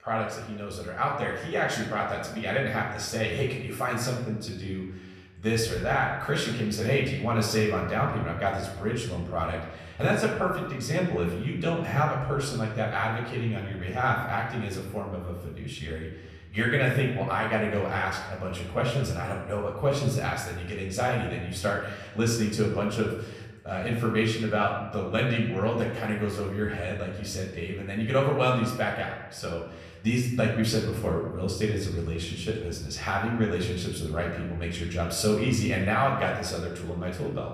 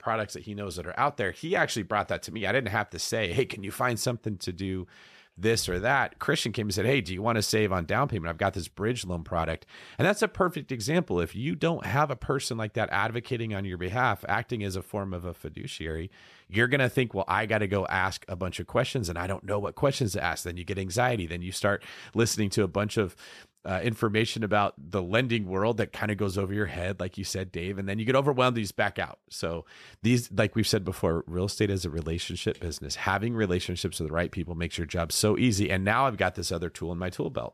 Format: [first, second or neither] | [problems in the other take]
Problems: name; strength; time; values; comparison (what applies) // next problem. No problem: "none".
second | off-mic speech; far // room echo; noticeable; dies away in 0.9 s